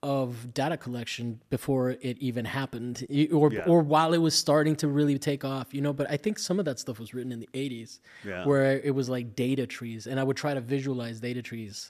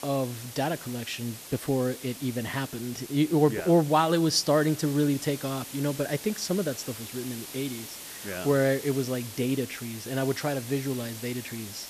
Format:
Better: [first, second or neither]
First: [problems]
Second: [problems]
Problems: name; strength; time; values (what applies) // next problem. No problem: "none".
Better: first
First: none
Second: hiss; noticeable; throughout; 10 dB below the speech